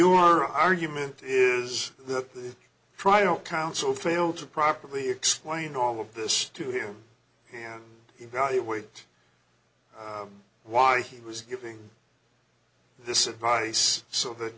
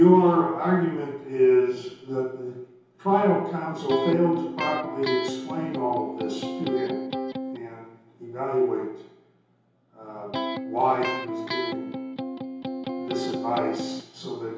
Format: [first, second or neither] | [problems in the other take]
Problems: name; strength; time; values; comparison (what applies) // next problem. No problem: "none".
first | background sound (Electric guitar); 6 dB below the speech // room echo; dies away in 0.8 s